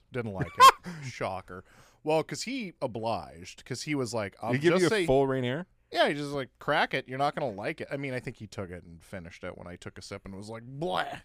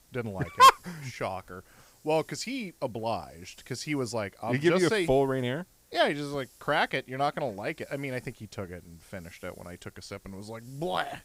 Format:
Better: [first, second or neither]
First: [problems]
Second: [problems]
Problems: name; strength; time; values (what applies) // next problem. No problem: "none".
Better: first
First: none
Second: hiss; faint; throughout; 30 dB below the speech